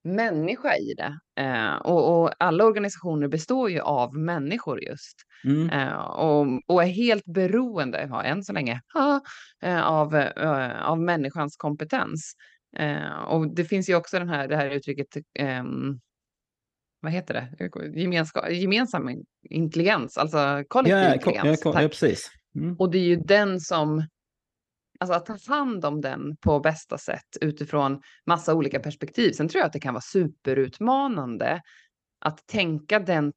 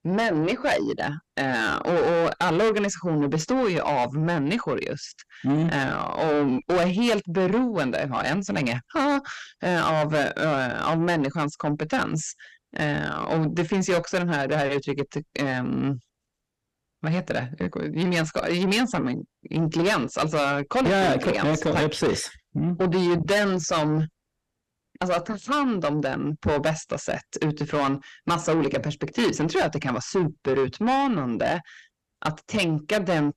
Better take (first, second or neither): first